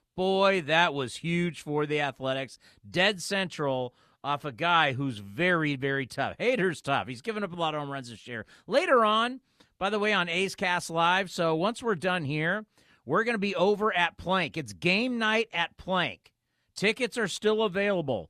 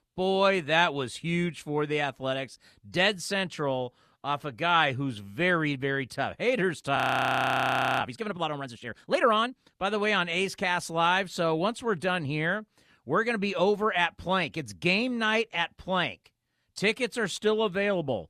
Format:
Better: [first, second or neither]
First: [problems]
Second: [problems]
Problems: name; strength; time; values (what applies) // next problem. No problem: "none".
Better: first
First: none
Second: audio freezing; at 7 s for 1 s